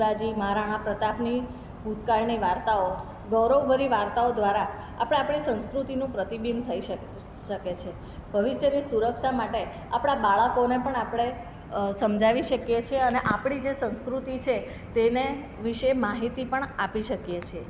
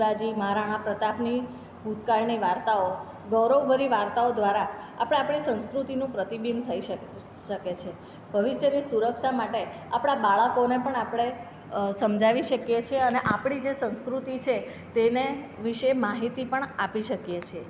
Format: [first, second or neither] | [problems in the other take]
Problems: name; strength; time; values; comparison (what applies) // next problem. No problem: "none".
second | background sound (Fire); 17 dB below the speech